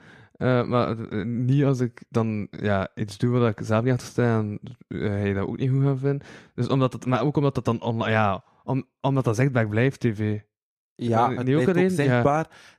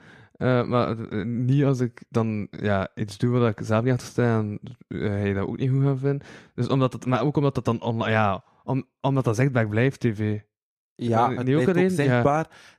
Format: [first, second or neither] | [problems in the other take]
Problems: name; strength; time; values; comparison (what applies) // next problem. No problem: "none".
neither | none